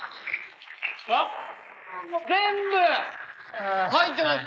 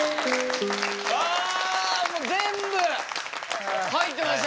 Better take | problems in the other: second | noise reduction (neural mask model Resemble Enhance denoiser)

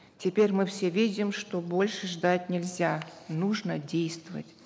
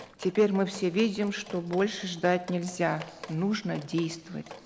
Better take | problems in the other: first | background sound (Drip); 19 dB below the speech

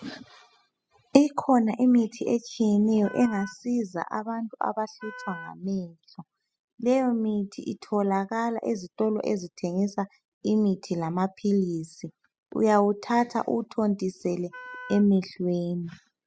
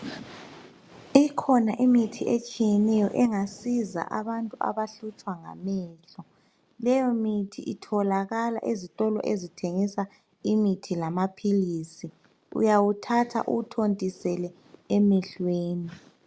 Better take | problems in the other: second | noise reduction (classical method spectral subtraction)

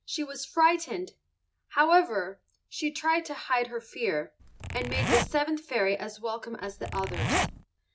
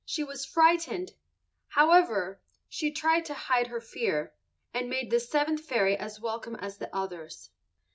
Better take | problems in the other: second | background sound (Zipper (clothing)); 1 dB below the speech

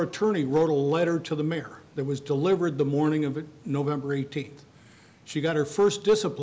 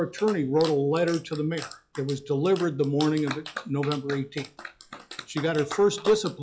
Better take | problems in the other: first | noise reduction (classical method log-MMSE)

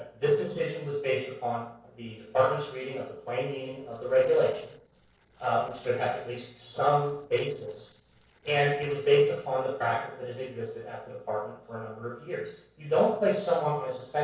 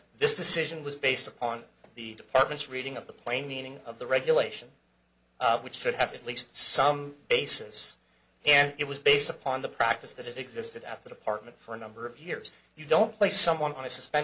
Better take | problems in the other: second | noise reduction (neural separator model SepFormer DNS4)

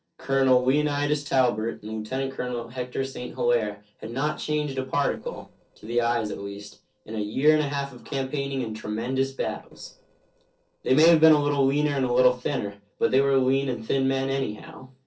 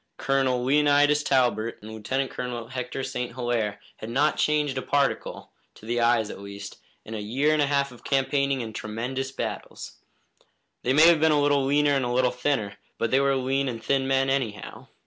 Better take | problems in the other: second | noise reduction (neural separator model SepFormer DNS4)

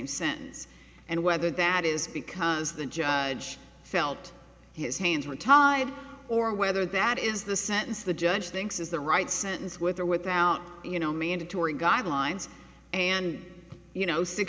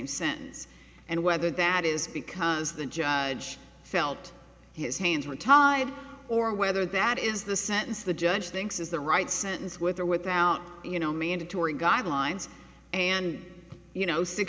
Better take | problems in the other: second | background sound (Bowed string instrument); 18 dB below the speech

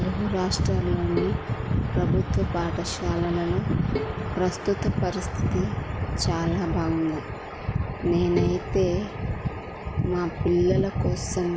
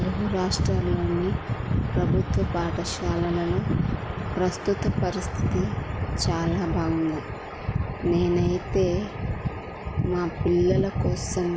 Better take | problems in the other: second | background sound (Bowed string instrument); 14 dB below the speech

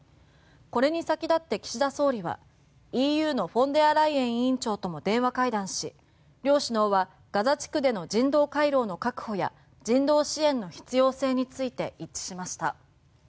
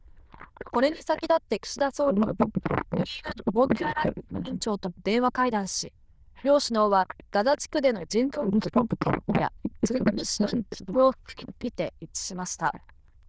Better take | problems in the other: first | noise reduction (neural diffusion model UNIVERSE++)

